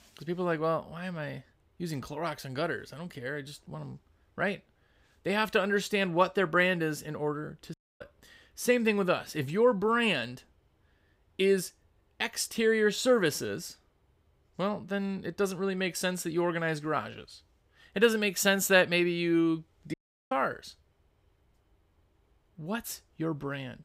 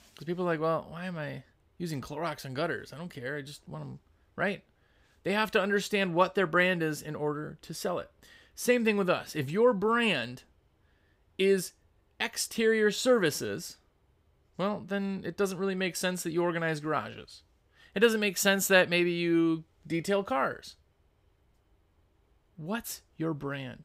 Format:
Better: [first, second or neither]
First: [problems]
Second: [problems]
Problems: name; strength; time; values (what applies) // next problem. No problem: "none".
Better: second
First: audio cutting out; at 7.5 s and at 20 s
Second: none